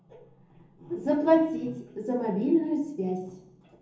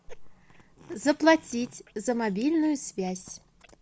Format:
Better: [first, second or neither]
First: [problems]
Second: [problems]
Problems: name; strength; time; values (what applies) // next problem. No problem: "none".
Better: second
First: room echo; dies away in 0.7 s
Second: none